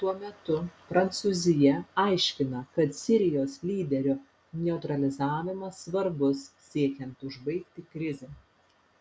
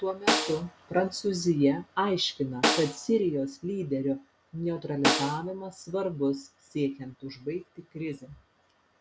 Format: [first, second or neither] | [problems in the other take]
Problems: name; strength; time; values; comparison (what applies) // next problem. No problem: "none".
first | background sound (Snare drum); 2 dB below the speech